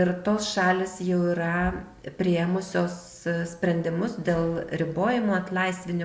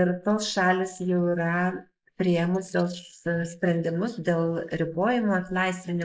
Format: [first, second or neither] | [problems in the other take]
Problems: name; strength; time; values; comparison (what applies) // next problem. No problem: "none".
first | noise reduction (neural mask model Resemble Enhance denoiser)